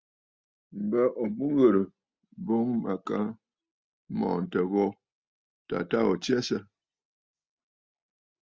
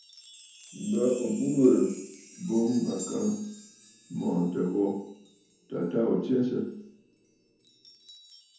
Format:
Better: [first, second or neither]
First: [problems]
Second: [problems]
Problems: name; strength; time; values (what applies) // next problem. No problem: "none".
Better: first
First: none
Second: background sound (Chime); 20 dB below the speech // room echo; dies away in 0.7 s